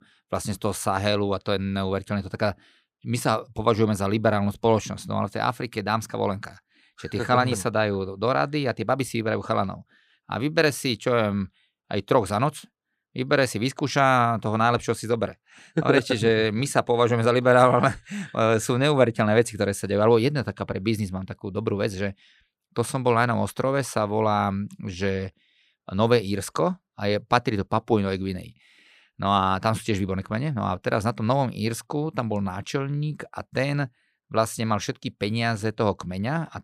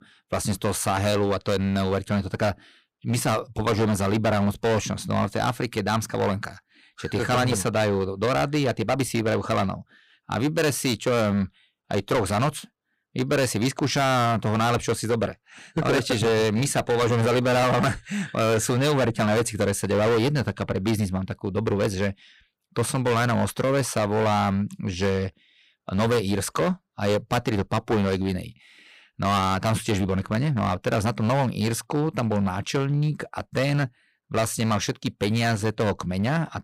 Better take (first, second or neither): first